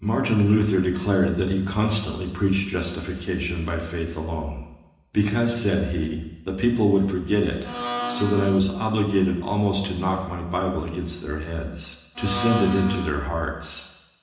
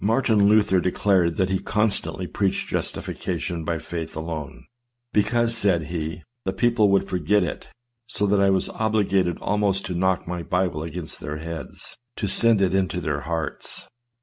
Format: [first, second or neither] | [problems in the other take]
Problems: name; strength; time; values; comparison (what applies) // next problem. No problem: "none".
second | background sound (Domestic sounds, home sounds); 6 dB below the speech // room echo; dies away in 1 s